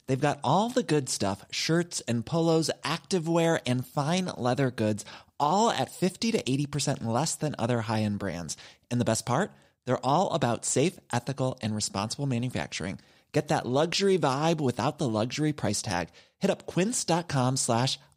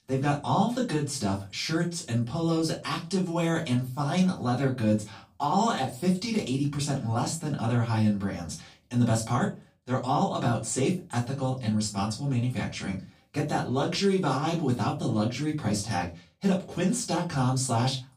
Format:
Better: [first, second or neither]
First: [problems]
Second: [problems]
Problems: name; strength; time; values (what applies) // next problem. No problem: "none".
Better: first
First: none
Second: off-mic speech; far // room echo; very slight; dies away in 0.3 s